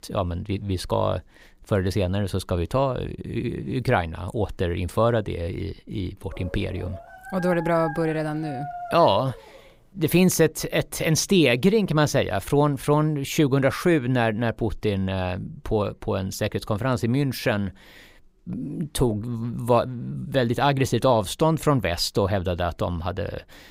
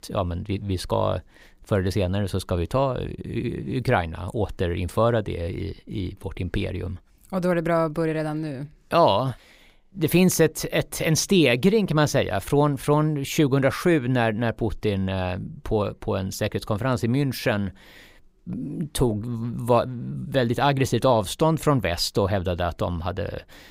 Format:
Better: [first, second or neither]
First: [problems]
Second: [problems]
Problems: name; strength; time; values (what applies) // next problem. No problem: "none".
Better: second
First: dog barking; noticeable; from 6.5 to 9.5 s; peak 9 dB below the speech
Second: none